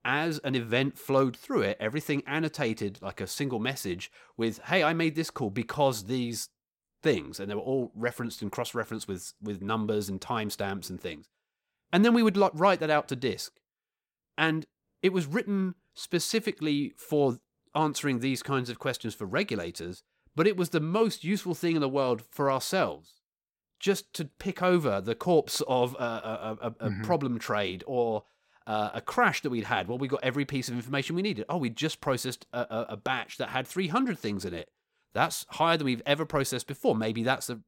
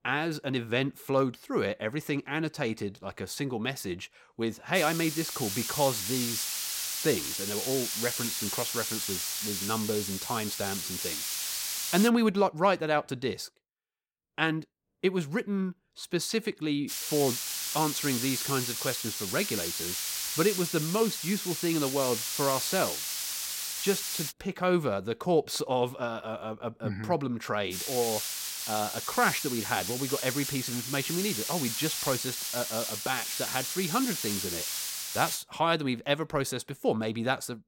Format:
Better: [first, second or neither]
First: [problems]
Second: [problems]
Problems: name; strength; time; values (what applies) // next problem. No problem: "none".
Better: first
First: none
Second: hiss; loud; from 5 to 12 s, from 17 to 24 s and from 28 to 35 s; 1 dB below the speech